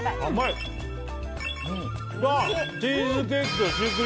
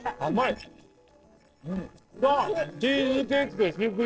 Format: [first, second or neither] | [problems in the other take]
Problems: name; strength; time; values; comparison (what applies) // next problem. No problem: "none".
first | noise reduction (neural separator model SepFormer DNS4)